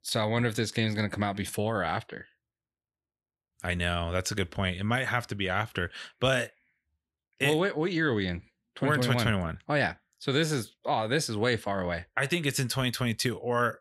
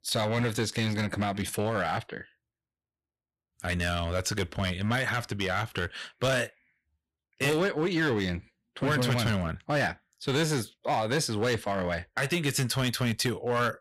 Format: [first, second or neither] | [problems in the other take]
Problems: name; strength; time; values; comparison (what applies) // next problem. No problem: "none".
first | distortion; slight; 7% of the sound clipped